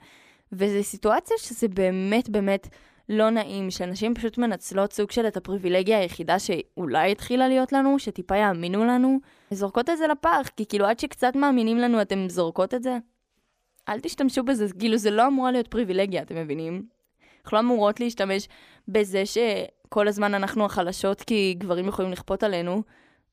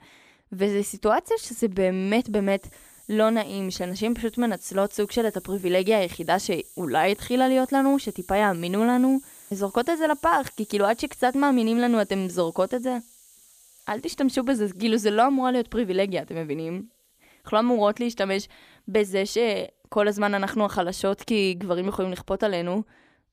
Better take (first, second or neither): first